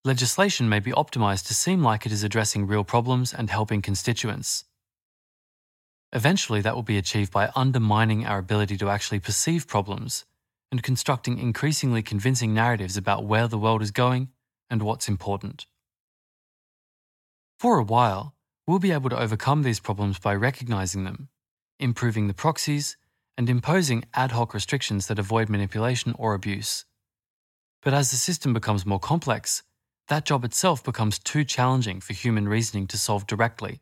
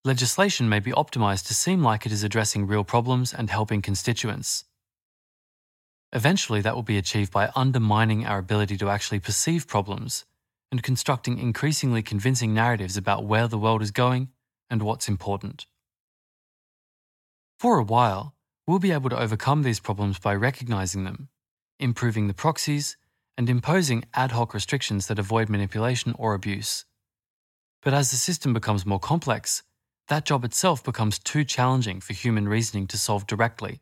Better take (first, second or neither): neither